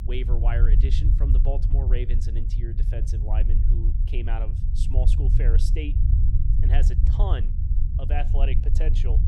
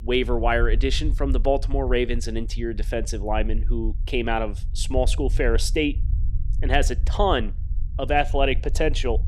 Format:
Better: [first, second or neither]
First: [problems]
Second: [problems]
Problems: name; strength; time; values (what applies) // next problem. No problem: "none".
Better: second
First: low rumble; loud; throughout; 4 dB below the speech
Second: low rumble; faint; throughout; 25 dB below the speech